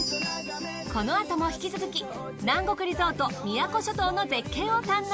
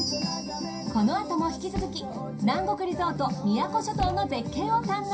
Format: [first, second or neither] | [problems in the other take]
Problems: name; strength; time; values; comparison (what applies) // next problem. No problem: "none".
first | background sound (Thump, thud); 15 dB below the speech // room echo; dies away in 0.3 s